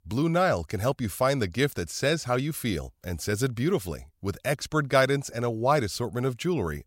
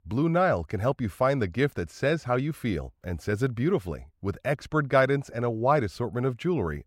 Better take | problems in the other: first | muffled; slightly; fading above 3.5 kHz

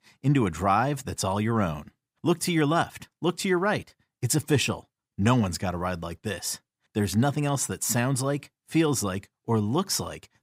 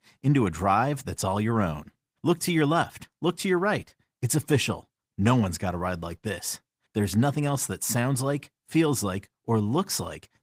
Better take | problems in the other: first | garbled, watery; slightly; nothing above 15.5 kHz

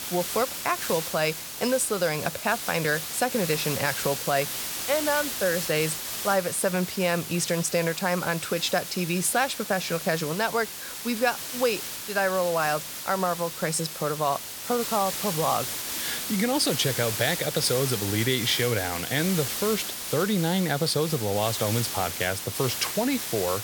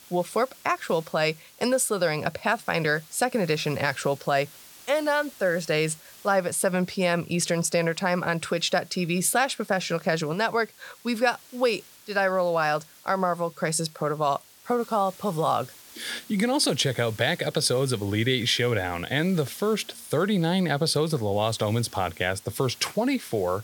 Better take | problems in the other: second | hiss; loud; throughout; 4 dB below the speech; faint in the second

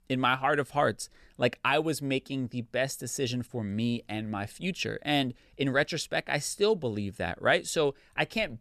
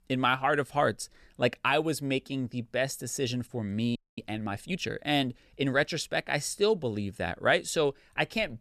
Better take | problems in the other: first | audio freezing; at 4 s

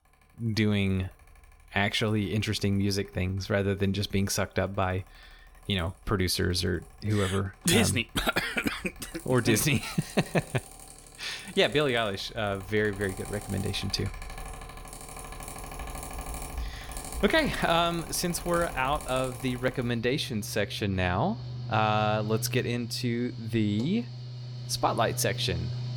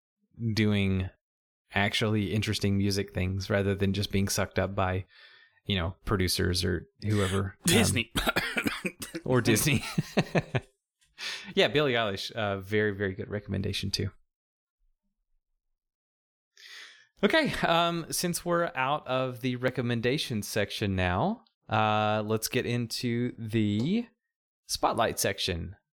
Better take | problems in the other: second | machinery noise; noticeable; throughout; 10 dB below the speech

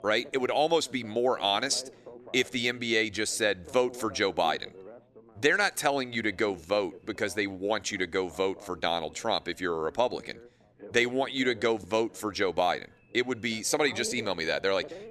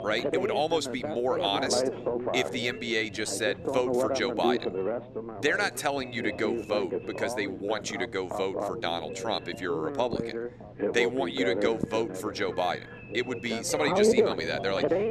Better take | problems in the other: first | alarms or sirens; loud; throughout; 1 dB below the speech; faint in the first

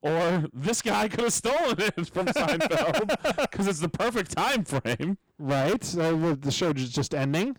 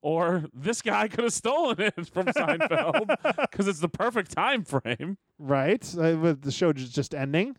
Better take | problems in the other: second | distortion; heavy; 26% of the sound clipped

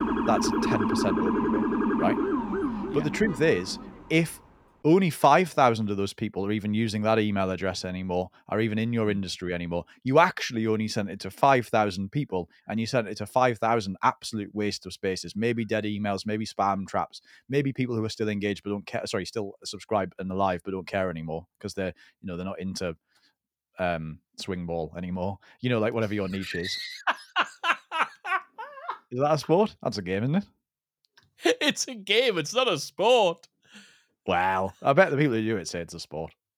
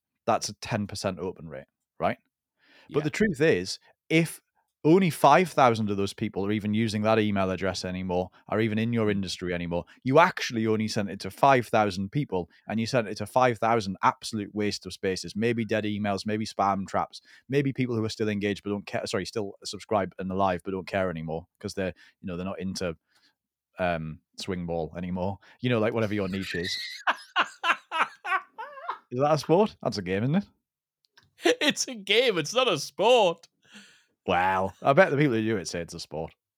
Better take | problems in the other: second | siren; loud; until 4 s; peak 2 dB above the speech

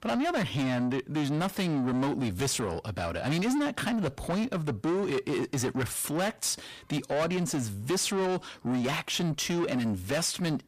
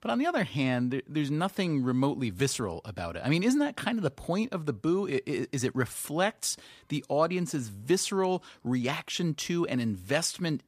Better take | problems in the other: second | distortion; heavy; 8 dB below the speech

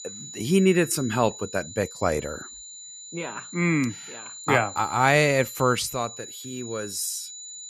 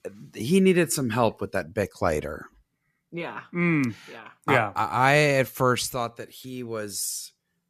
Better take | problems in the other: second | high-pitched whine; noticeable; throughout; 7 kHz, 15 dB below the speech

